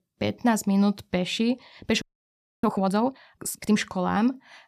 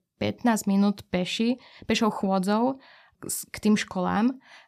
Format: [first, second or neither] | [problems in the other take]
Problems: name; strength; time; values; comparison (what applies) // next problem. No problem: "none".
second | audio freezing; at 2 s for 0.5 s